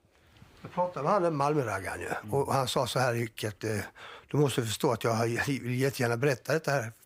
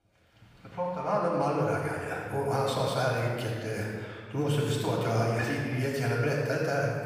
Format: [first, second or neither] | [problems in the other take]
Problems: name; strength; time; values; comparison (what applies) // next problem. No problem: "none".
first | off-mic speech; far // room echo; strong; dies away in 1.6 s